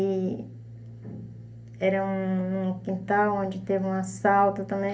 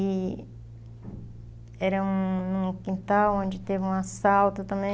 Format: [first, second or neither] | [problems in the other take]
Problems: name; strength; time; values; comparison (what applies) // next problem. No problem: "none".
second | room echo; dies away in 0.3 s